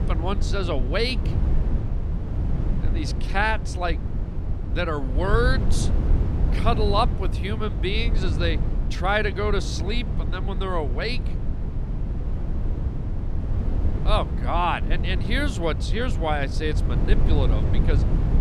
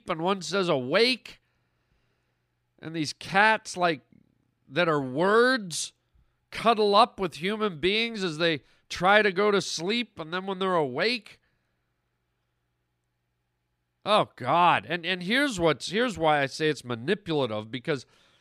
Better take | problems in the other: second | low rumble; noticeable; throughout; 10 dB below the speech

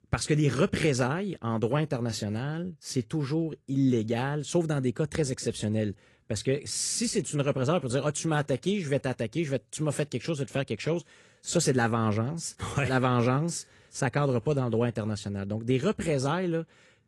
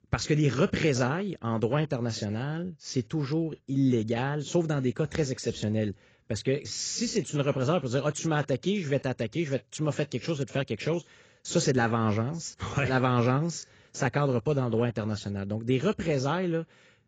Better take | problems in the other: first | garbled, watery; badly; nothing above 7.5 kHz; slightly in the first

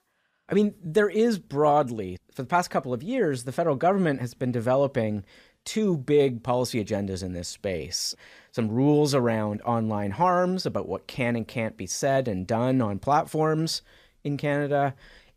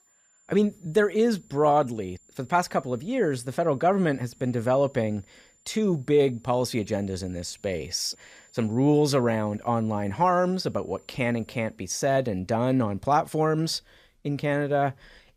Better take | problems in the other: first | high-pitched whine; faint; until 12 s; 7 kHz, 30 dB below the speech

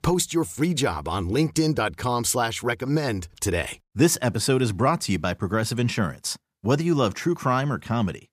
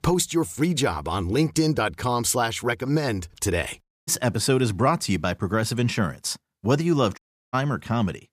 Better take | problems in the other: first | audio cutting out; at 4 s and at 7 s

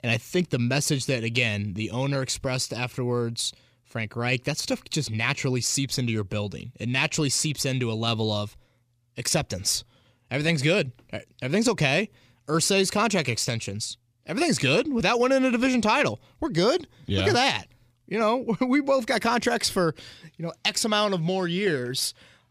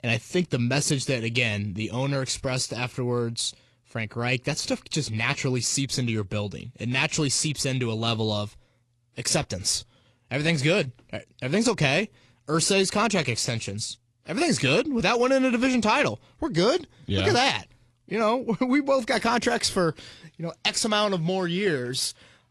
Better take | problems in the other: first | garbled, watery; slightly; nothing above 11 kHz

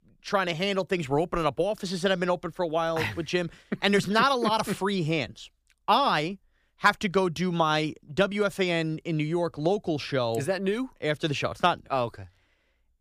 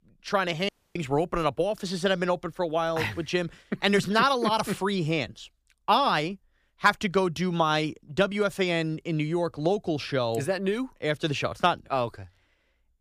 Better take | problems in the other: first | audio cutting out; at 0.5 s

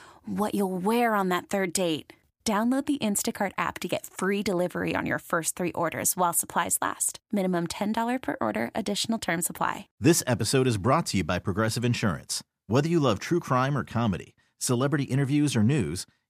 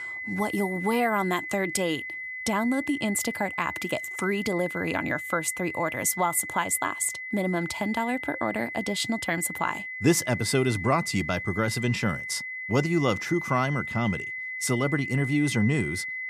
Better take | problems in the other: first | high-pitched whine; loud; throughout; 2 kHz, 6 dB below the speech

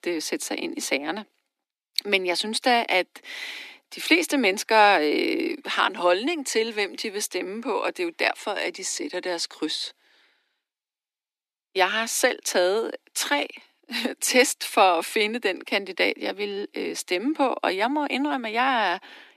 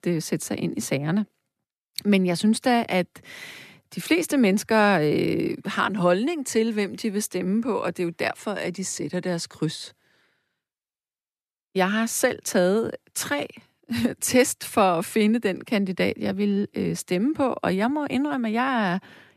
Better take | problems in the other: second | thin; somewhat; fading below 300 Hz

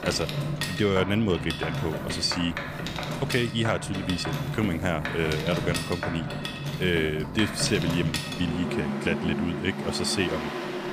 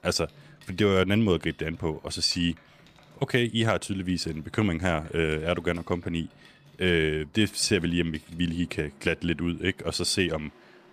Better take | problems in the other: second | machinery noise; loud; throughout; 3 dB below the speech; faint in the second

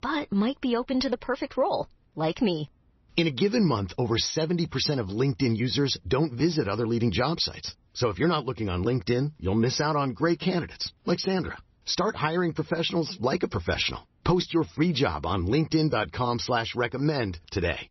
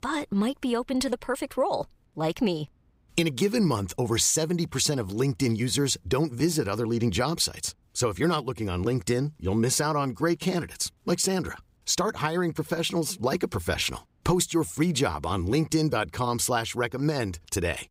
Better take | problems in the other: second | garbled, watery; slightly; nothing above 6 kHz

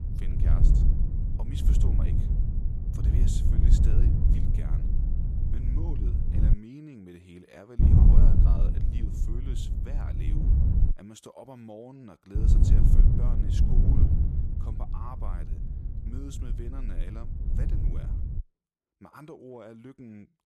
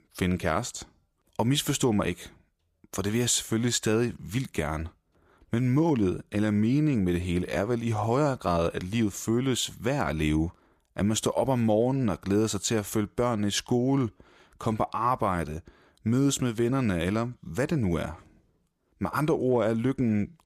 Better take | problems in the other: second | wind noise on the microphone; heavy; until 6.5 s, from 8 to 11 s and from 12 to 18 s; 5 dB above the speech

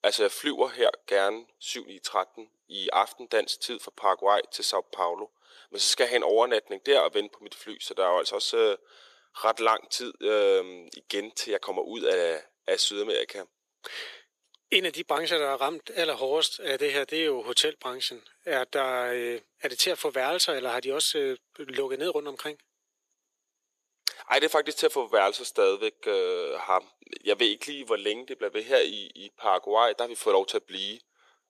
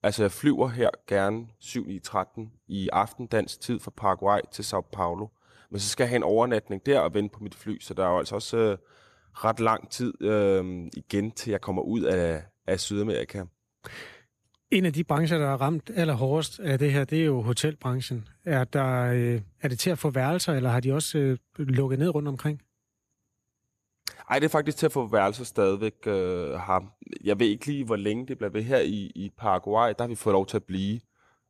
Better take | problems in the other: second | thin; very; fading below 400 Hz

